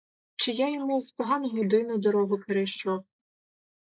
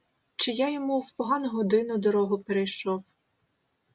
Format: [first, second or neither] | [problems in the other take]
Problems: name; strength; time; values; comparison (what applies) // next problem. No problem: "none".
second | noise reduction (neural mask model Resemble Enhance denoiser)